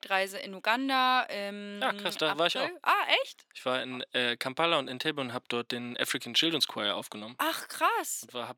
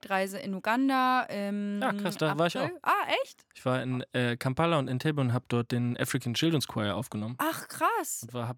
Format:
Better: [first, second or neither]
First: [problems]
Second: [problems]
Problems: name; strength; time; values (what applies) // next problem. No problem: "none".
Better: second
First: thin; somewhat; fading below 350 Hz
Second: none